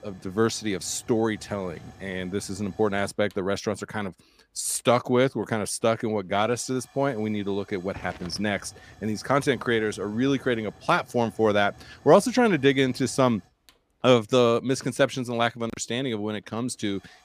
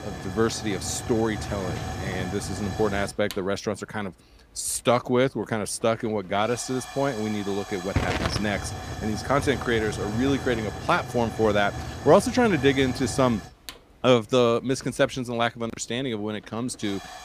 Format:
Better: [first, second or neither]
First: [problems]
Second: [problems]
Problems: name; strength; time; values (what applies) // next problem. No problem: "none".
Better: first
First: hiss; faint; throughout; 25 dB below the speech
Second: hiss; loud; throughout; 8 dB below the speech